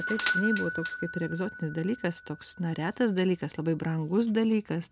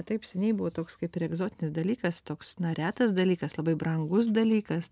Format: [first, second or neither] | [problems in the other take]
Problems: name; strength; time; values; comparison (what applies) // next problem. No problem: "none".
second | background sound (Bell / Doorbell); 8 dB below the speech